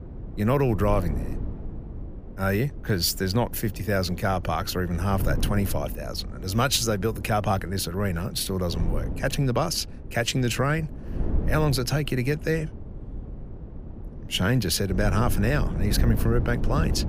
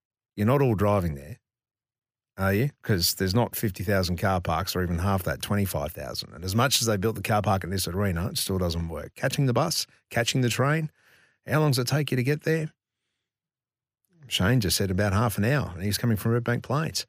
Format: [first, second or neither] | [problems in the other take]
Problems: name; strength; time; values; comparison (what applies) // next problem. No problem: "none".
second | wind noise on the microphone; occasional gusts; 15 dB below the speech